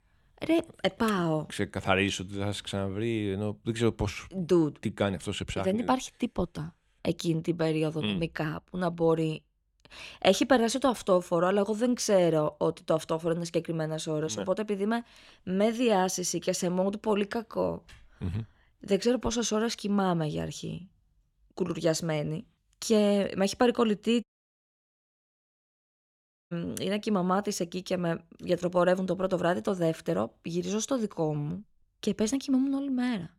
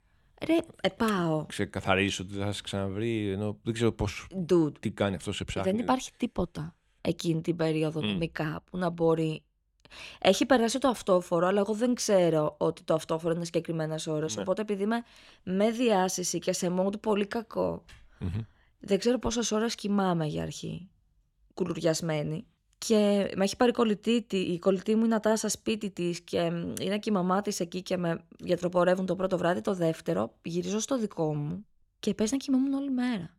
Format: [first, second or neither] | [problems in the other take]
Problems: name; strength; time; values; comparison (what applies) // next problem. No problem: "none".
second | audio cutting out; at 24 s for 2.5 s